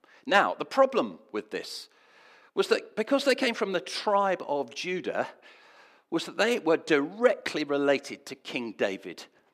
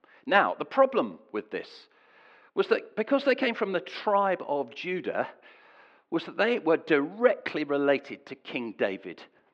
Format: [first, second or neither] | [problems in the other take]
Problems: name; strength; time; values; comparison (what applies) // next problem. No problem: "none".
first | muffled; slightly; fading above 3 kHz